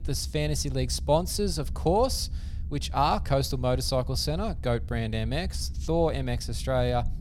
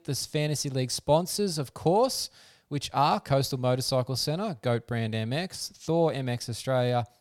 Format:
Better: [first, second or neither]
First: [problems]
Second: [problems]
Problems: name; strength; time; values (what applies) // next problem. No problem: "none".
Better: second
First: low rumble; faint; throughout; 25 dB below the speech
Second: none